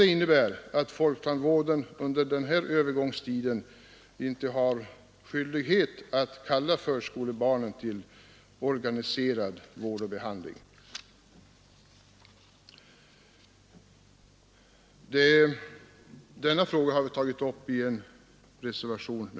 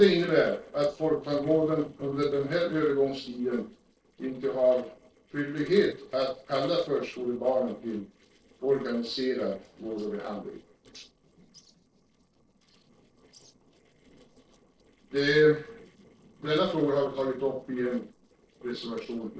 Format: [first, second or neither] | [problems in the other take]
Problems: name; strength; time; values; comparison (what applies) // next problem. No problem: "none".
first | noise reduction (neural separator model SepFormer DNS4)